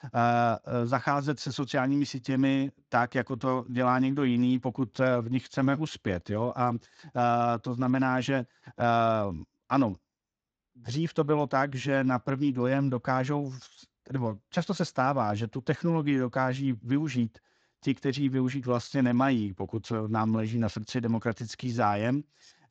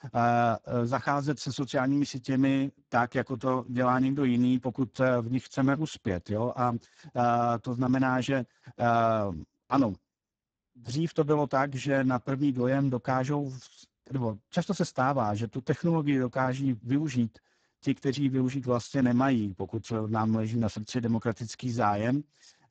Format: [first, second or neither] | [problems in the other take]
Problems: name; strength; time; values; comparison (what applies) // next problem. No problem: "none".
first | garbled, watery; badly; nothing above 7.5 kHz; slightly in the first